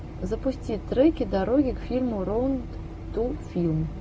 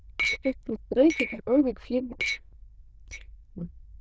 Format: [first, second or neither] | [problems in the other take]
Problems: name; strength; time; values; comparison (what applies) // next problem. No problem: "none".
first | noise reduction (neural diffusion model UNIVERSE++)